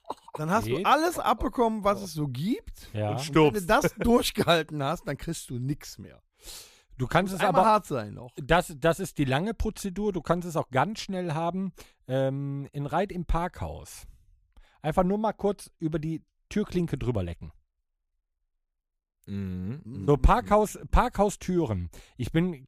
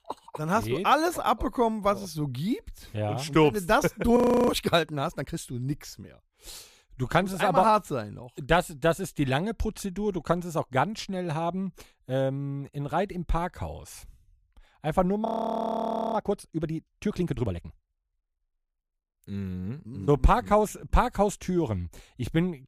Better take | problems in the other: first | audio freezing; at 4 s and at 15 s for 1 s

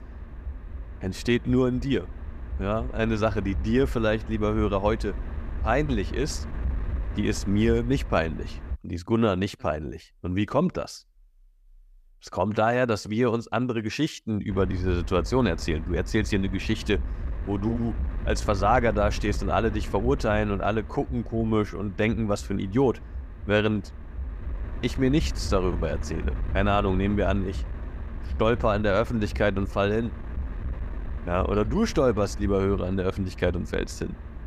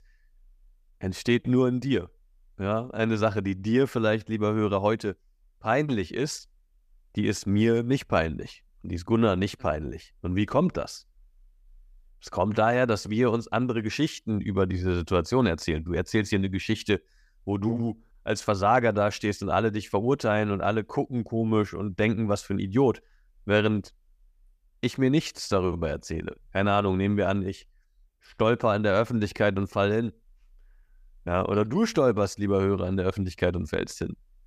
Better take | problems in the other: second | wind noise on the microphone; occasional gusts; until 9 s and from 15 s on; 20 dB below the speech

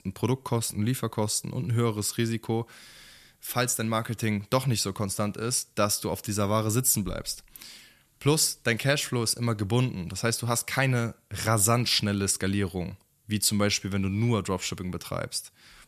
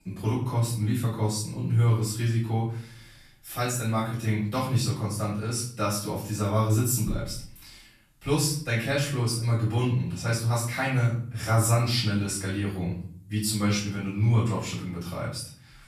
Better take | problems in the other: first | off-mic speech; far // room echo; noticeable; dies away in 0.6 s

